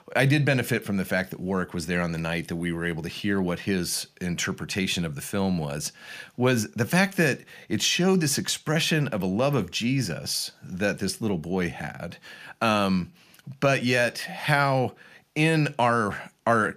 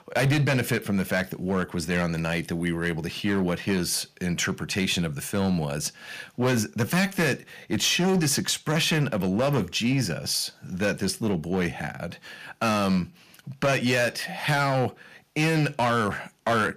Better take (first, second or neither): first